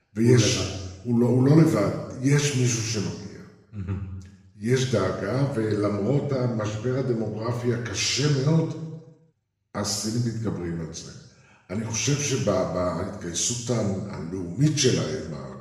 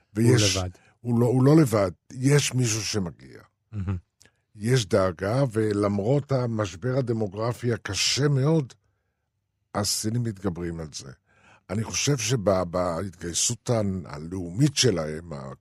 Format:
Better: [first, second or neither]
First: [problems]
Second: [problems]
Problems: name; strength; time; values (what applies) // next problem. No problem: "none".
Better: second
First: room echo; noticeable; dies away in 1 s // off-mic speech; far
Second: none